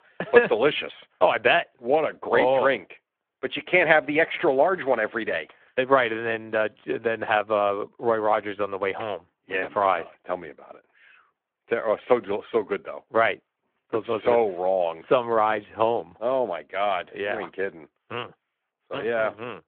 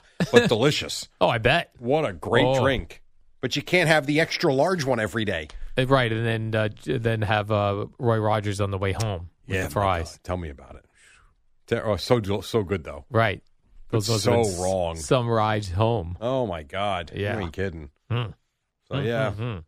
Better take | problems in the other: second | phone-call audio

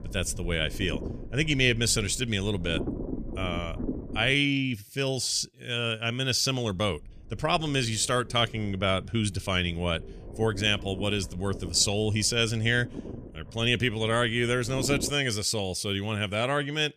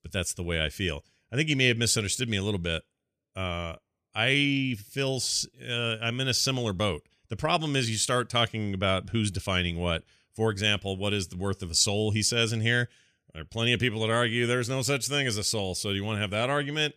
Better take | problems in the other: second | low rumble; noticeable; until 4.5 s and from 6.5 to 15 s; 15 dB below the speech

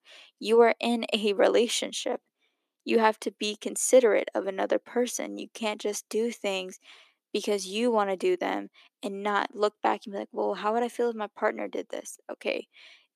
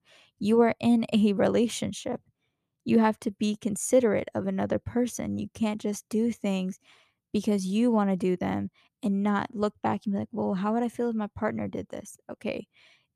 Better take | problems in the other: second | thin; somewhat; fading below 300 Hz

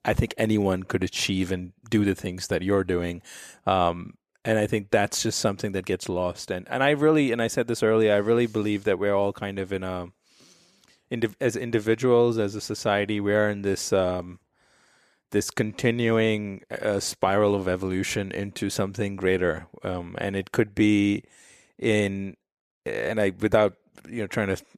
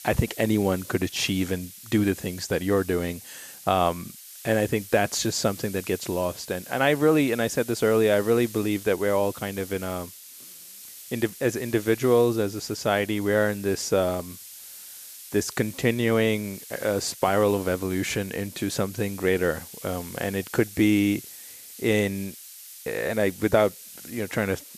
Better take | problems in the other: first | hiss; noticeable; throughout; 15 dB below the speech

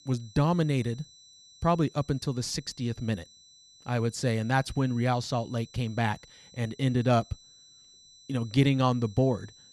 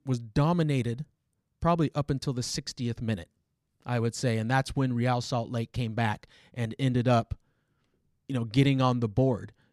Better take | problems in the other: second | high-pitched whine; faint; throughout; 4 kHz, 25 dB below the speech

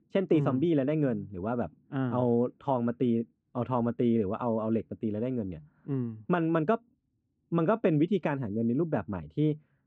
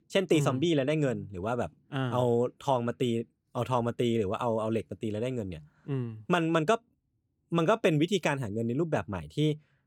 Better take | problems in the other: second | muffled; very; fading above 1.5 kHz

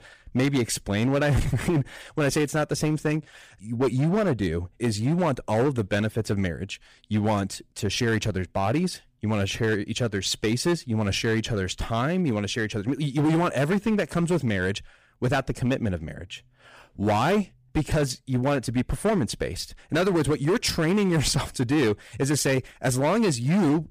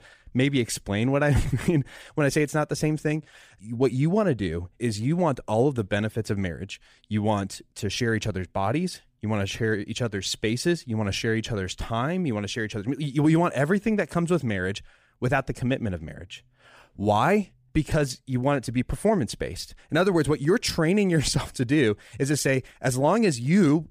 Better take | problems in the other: second | distortion; slight; 10% of the sound clipped

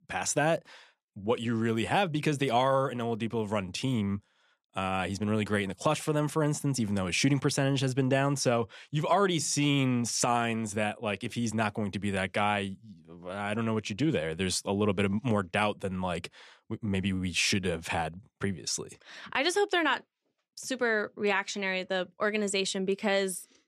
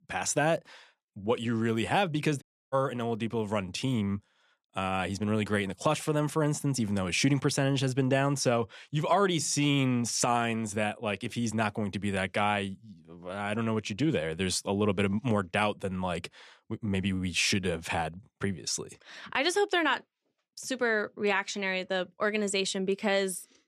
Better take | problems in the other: first | audio cutting out; at 2.5 s

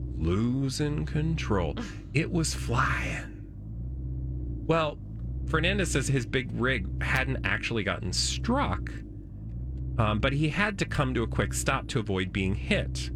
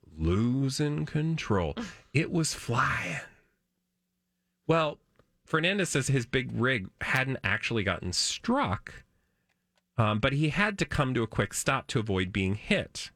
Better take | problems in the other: second | low rumble; noticeable; throughout; 20 dB below the speech

